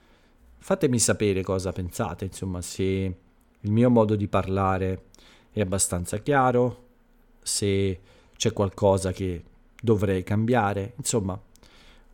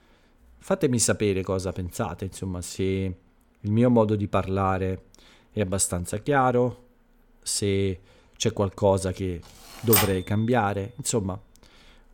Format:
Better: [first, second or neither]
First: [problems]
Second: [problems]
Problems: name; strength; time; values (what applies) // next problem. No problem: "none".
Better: first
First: none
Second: keyboard typing; loud; at 10 s; peak 4 dB above the speech